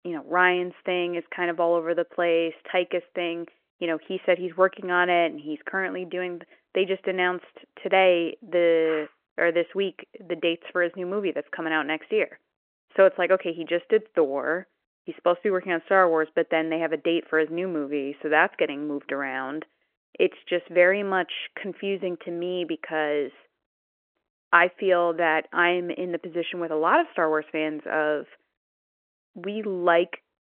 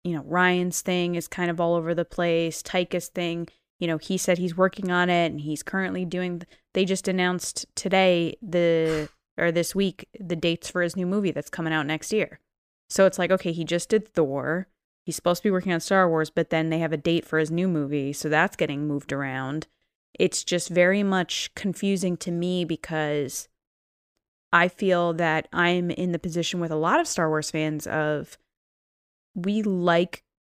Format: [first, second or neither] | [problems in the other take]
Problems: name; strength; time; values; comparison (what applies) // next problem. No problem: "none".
second | phone-call audio